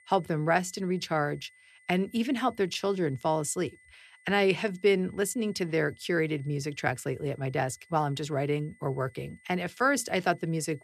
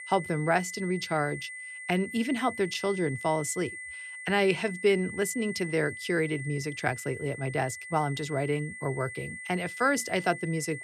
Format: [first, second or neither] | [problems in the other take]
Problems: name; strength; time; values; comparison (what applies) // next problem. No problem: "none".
first | high-pitched whine; loud; throughout; 2 kHz, 10 dB below the speech; faint in the first